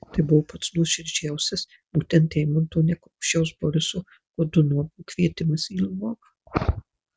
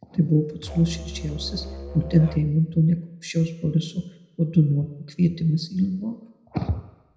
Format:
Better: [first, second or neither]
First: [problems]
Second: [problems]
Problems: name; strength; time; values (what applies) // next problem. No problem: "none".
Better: first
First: none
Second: background sound (Musical instrument); 12 dB below the speech // room echo; dies away in 0.8 s